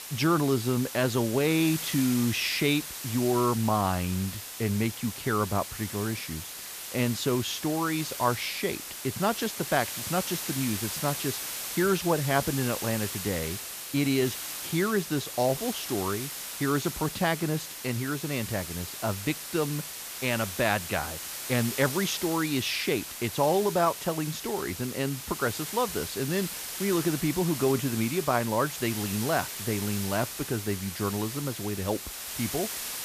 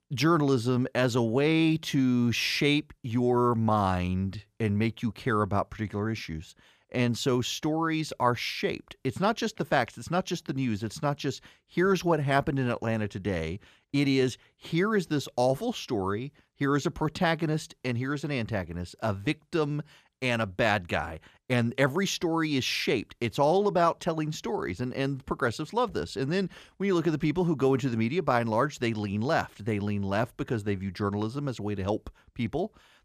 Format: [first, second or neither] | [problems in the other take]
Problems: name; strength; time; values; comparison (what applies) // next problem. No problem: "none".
second | hiss; loud; throughout; 6 dB below the speech